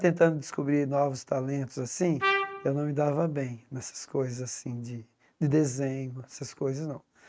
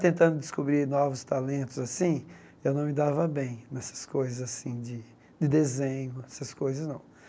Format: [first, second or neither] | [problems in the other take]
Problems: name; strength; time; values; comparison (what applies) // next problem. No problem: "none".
second | noise reduction (neural mask model RNNoise)